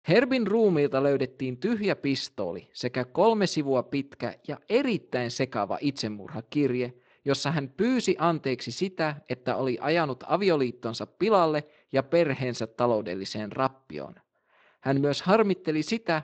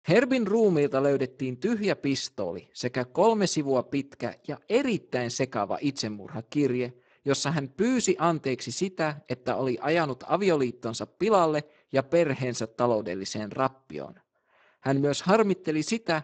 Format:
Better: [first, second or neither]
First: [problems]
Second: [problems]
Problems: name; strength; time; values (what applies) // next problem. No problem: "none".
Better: first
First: garbled, watery; slightly; nothing above 8 kHz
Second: garbled, watery; badly; nothing above 7.5 kHz